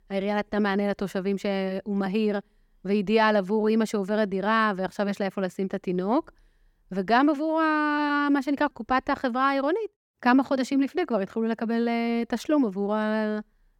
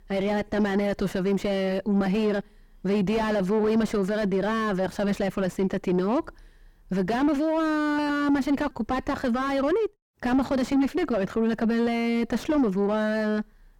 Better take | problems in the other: first | distortion; heavy; 4 dB below the speech

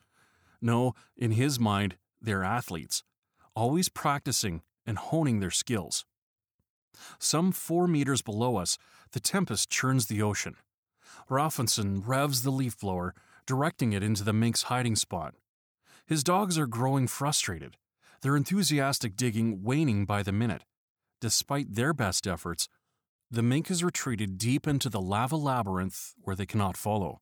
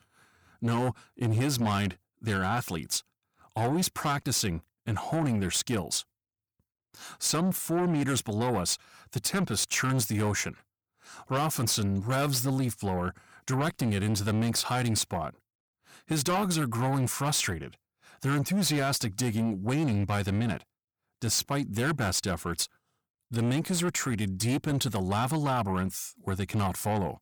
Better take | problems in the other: first | distortion; slight; 10 dB below the speech

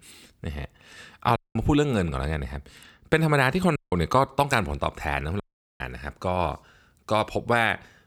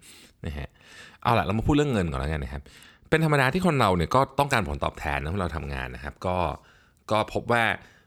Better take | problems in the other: second | audio cutting out; at 1.5 s, at 4 s and at 5.5 s

